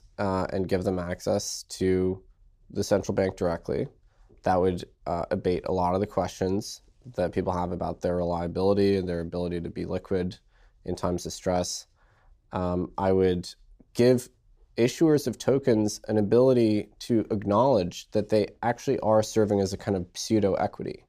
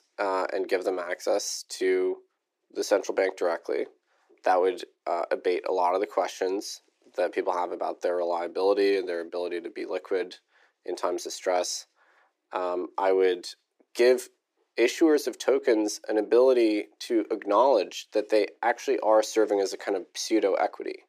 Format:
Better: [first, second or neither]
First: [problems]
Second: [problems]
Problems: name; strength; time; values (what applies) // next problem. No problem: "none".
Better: first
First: none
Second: thin; somewhat; fading below 300 Hz